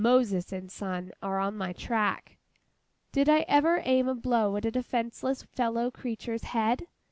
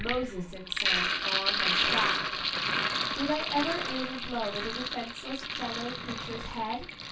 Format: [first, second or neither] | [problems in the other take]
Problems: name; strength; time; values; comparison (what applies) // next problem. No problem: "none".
first | background sound (Sink (filling or washing)); 4 dB above the speech // room echo; dies away in 0.1 s